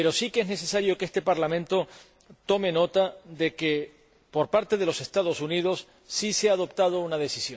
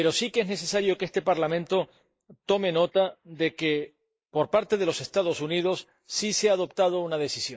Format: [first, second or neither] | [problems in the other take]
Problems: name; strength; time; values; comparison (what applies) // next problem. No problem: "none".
first | noise reduction (neural mask model Resemble Enhance denoiser)